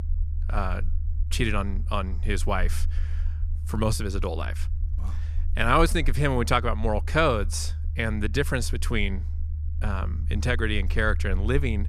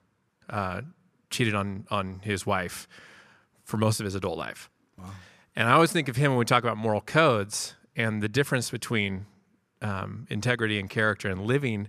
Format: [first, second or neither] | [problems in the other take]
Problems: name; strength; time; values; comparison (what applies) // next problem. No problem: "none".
second | low rumble; faint; throughout; 20 dB below the speech